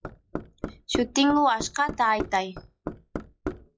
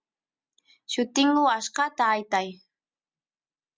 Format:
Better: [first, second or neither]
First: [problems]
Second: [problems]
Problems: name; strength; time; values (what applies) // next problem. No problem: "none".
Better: second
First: noise reduction (classical method log-MMSE)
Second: none